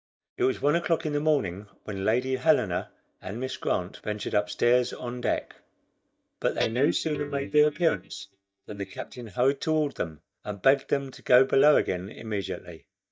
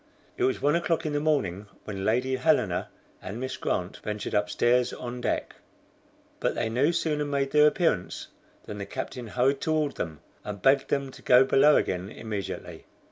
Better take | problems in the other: second | noise reduction (neural mask model DeepFilterNet 3)

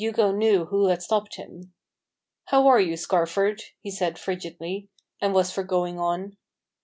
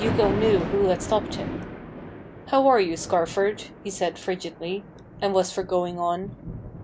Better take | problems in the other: first | background sound (Thunder); 8 dB below the speech

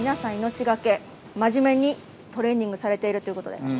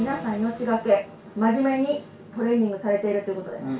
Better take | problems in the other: first | room echo; dies away in 0.2 s

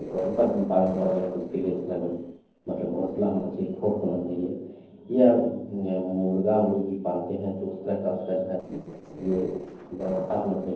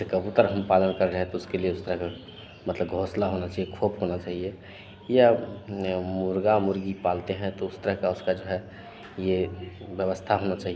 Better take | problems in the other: second | noise reduction (neural separator model SepFormer DNS4)

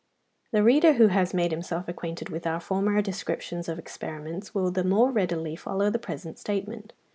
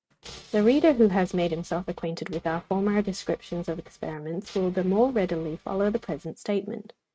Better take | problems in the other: first | noise reduction (neural mask model RNNoise)

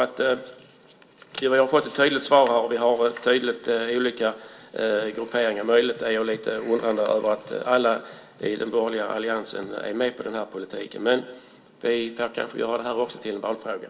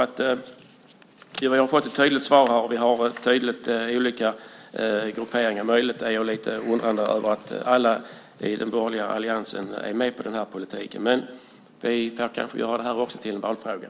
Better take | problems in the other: second | room echo; dies away in 0.5 s

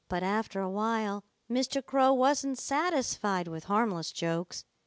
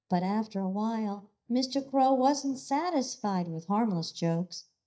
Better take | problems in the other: first | noise reduction (neural mask model DeepFilterNet 3)

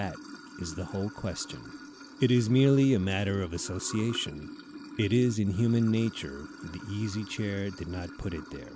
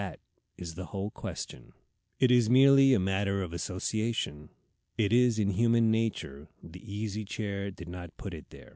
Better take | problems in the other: second | background sound (Sink (filling or washing) / Water); 15 dB below the speech

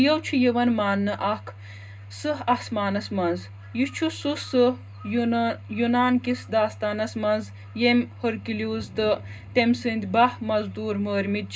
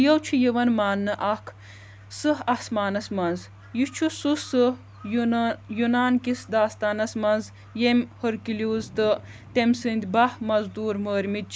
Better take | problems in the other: second | room echo; dies away in 0.2 s

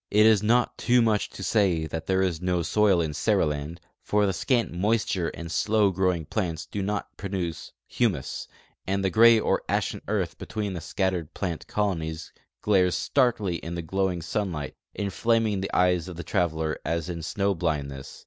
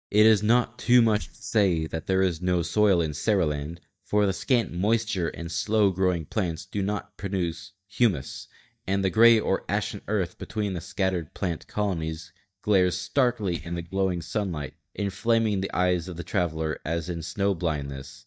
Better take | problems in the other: first | noise reduction (neural mask model DeepFilterNet 3)

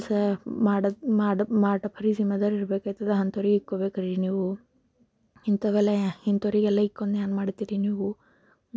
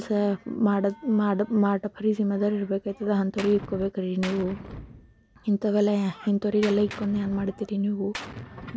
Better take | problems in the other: first | background sound (Gunshot, gunfire); 17 dB below the speech

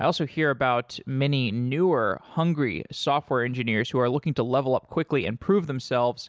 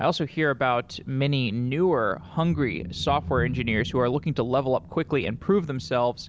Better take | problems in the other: first | background sound (Thunder); 13 dB below the speech

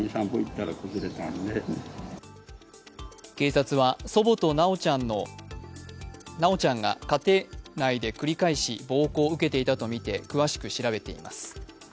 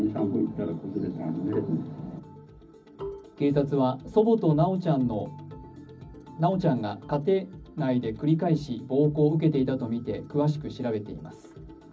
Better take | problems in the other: first | background sound (Marimba, xylophone); 14 dB below the speech // room echo; dies away in 0.4 s

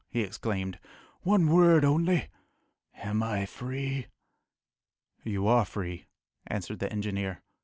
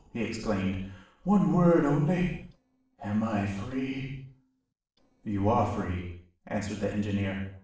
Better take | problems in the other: first | noise reduction (neural separator model SepFormer DNS4)

